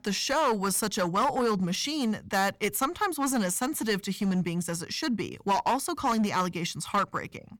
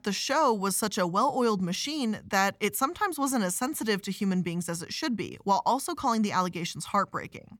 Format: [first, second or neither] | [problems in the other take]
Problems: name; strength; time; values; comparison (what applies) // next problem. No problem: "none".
second | distortion; slight; 7% of the sound clipped